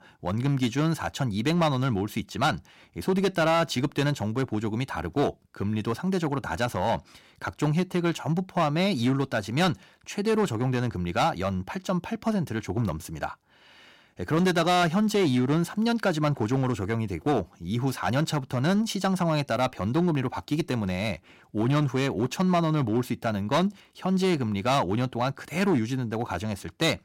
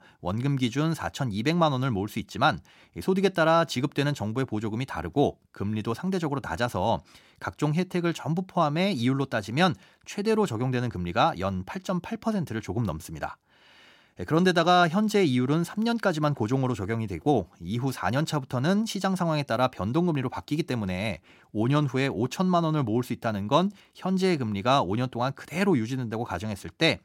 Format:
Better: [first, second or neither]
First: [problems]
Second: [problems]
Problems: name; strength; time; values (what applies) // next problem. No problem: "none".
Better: second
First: distortion; slight; 5% of the sound clipped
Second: none